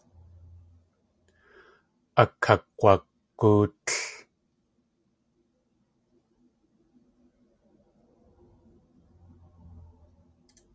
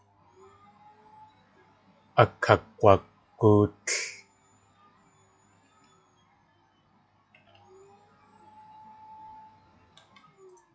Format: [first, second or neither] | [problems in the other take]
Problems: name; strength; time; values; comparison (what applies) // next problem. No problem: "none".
first | noise reduction (classical method log-MMSE)